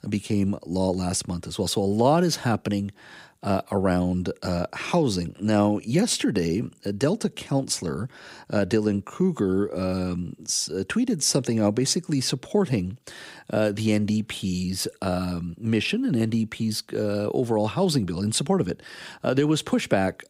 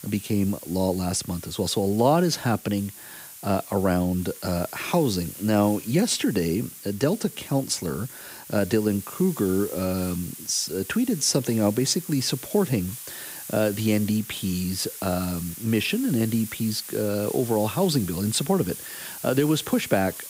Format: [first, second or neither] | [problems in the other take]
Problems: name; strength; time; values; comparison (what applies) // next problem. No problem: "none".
first | hiss; noticeable; throughout; 10 dB below the speech